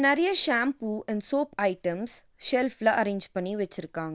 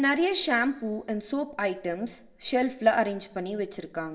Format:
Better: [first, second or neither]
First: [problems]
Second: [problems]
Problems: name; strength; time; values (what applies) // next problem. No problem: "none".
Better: first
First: none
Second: room echo; dies away in 0.6 s